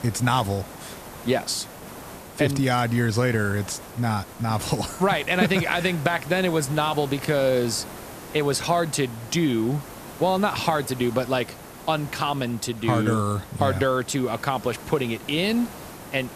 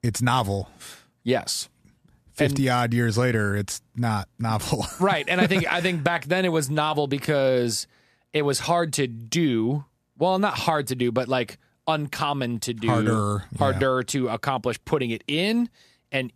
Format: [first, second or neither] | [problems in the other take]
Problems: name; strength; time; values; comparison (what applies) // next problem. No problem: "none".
second | hiss; noticeable; throughout; 15 dB below the speech